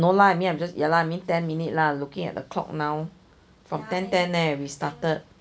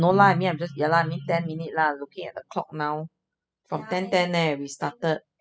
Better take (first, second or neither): first